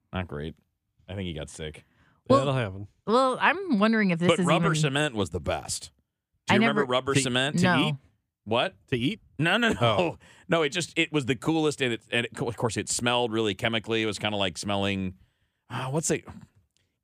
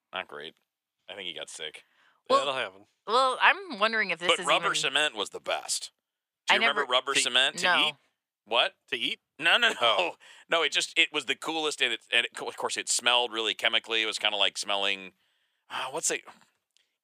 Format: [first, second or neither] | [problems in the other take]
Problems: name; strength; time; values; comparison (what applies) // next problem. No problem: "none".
first | thin; very; fading below 650 Hz